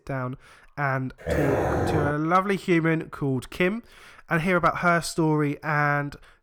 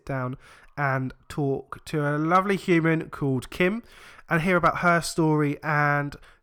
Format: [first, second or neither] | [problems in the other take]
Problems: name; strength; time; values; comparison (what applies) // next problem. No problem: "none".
second | dog barking; loud; at 1.5 s; peak level with the speech